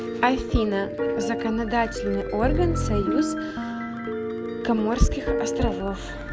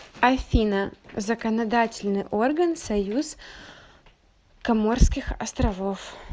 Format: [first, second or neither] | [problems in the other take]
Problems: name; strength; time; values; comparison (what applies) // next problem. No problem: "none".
second | background sound (Piano + Piano); 2 dB below the speech